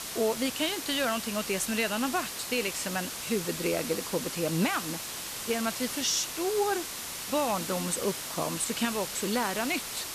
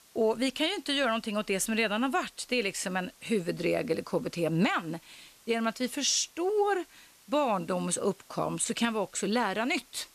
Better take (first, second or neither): second